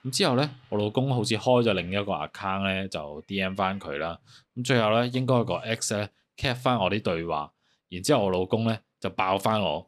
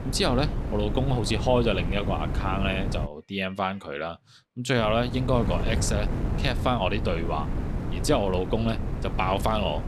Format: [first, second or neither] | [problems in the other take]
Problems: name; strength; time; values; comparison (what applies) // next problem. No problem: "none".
first | wind noise on the microphone; occasional gusts; until 3 s and from 5 s on; 10 dB below the speech